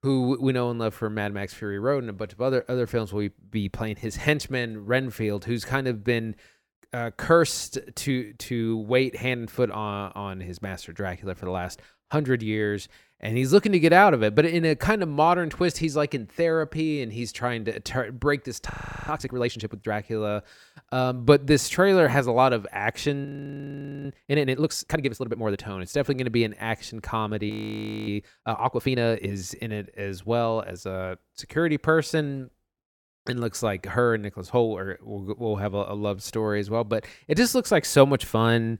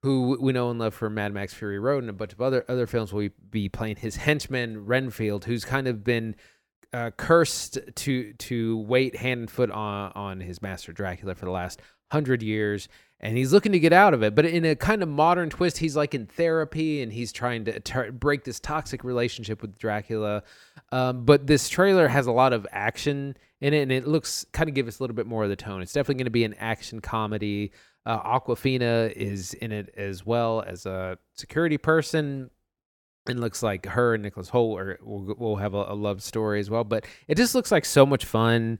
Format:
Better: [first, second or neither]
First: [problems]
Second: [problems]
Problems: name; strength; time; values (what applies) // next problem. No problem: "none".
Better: second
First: audio freezing; at 19 s, at 23 s for 1 s and at 28 s for 0.5 s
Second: none